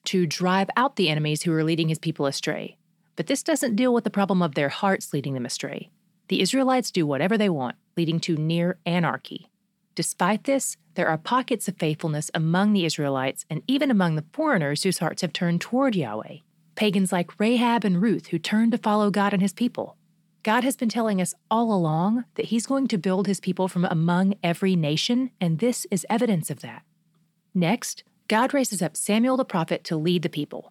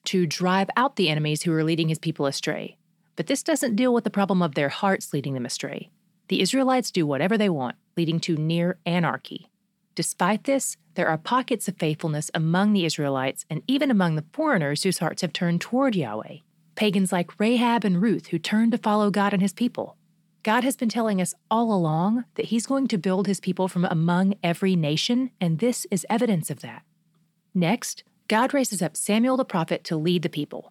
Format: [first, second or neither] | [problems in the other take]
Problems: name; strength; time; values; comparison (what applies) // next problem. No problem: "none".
neither | none